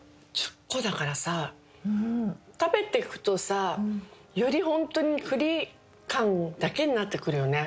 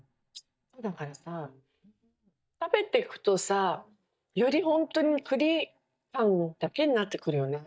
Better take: first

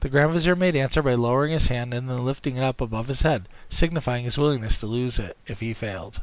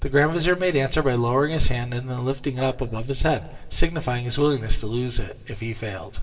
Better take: first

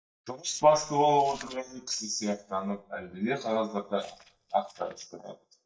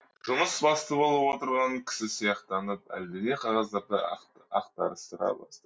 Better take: second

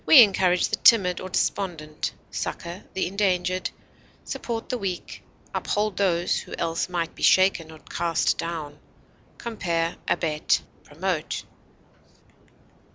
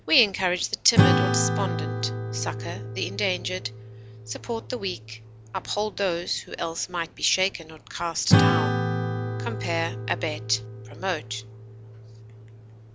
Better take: first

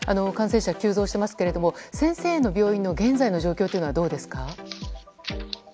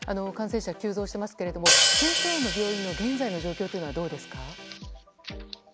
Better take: first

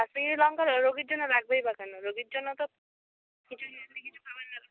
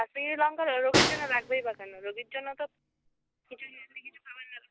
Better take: first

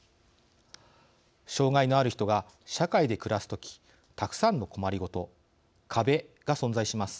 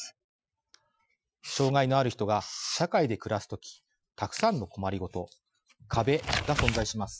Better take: first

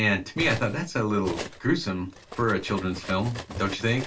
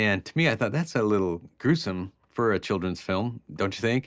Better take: second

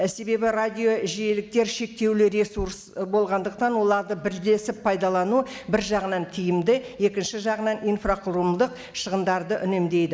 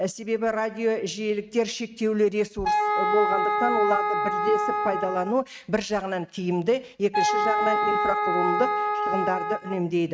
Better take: first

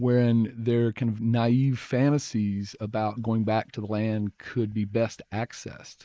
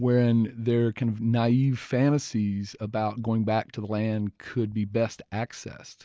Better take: second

